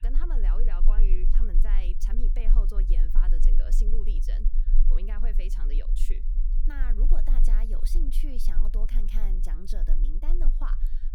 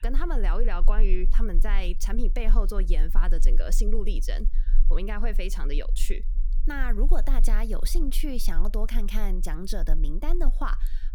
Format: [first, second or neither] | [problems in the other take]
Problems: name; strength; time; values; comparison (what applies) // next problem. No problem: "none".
second | low rumble; loud; throughout; 9 dB below the speech; faint in the second